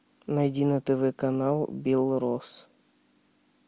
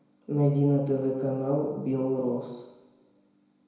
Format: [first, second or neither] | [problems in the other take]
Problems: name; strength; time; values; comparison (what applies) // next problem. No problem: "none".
first | room echo; dies away in 1 s